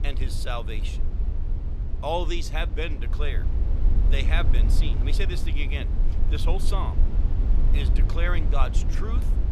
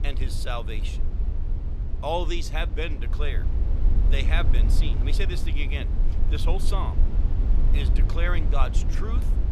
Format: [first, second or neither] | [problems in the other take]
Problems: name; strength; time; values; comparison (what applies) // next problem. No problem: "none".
neither | low rumble; loud; throughout; 10 dB below the speech; the same in both